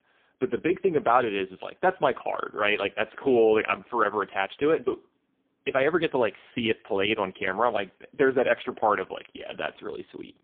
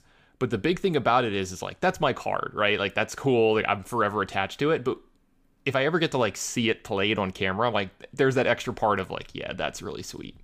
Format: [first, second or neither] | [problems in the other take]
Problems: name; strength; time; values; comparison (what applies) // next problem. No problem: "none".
second | phone-call audio; poor line; nothing above 3 kHz